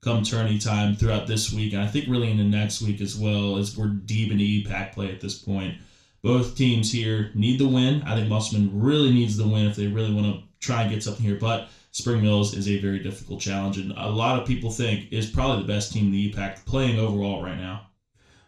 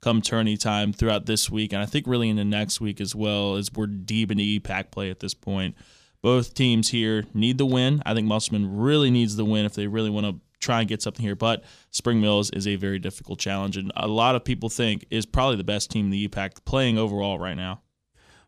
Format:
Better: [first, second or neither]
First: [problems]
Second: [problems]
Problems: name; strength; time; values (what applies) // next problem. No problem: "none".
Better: second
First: room echo; slight; dies away in 0.3 s // off-mic speech; far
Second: none